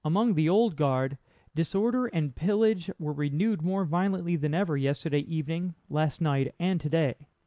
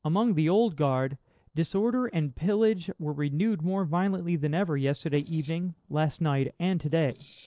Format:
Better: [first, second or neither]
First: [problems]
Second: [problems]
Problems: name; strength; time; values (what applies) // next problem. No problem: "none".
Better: first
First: none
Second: noise reduction (neural separator model SepFormer DNS4)